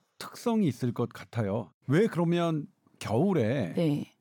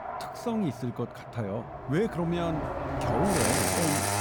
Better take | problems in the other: first | traffic noise; very loud; throughout; 1 dB above the speech

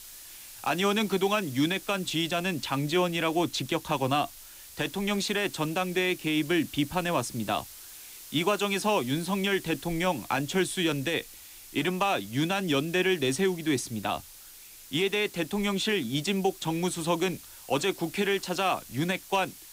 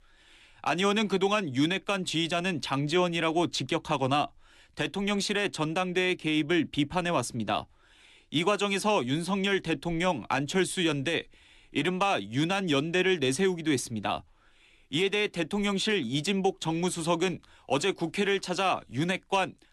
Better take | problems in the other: second | hiss; noticeable; throughout; 15 dB below the speech

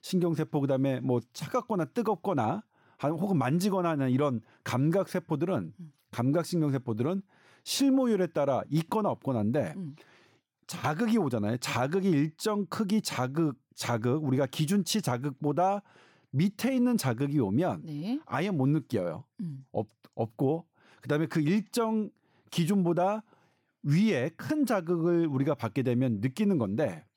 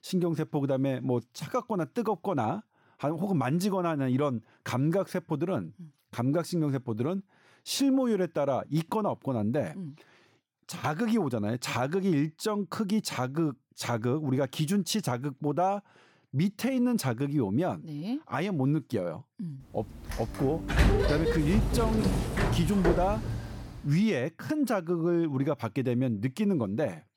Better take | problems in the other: first | door banging; loud; from 20 to 24 s; peak 5 dB above the speech

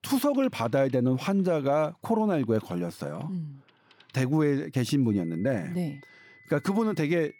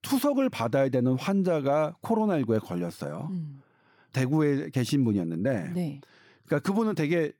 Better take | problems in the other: second | alarms or sirens; faint; throughout; 30 dB below the speech

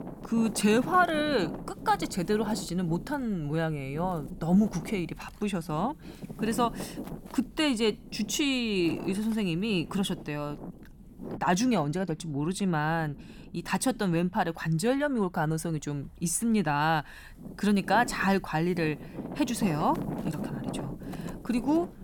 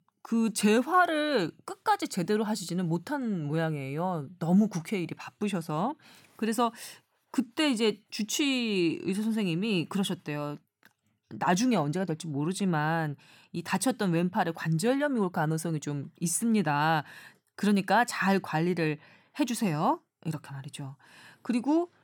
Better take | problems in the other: second | wind noise on the microphone; occasional gusts; 15 dB below the speech

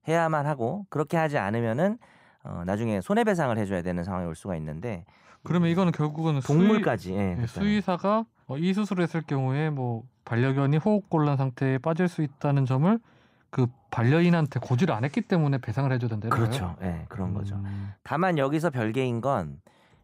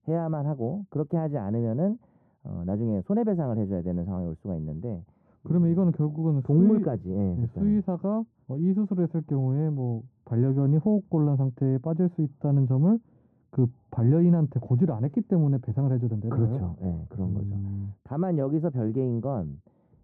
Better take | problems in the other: first | muffled; very; fading above 1.5 kHz

